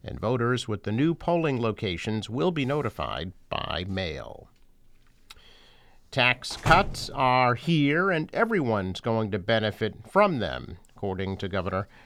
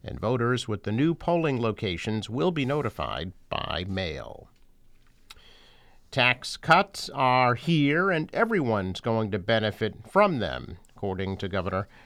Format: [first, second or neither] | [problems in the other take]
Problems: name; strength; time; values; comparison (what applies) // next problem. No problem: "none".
second | door banging; noticeable; at 6.5 s; peak 5 dB below the speech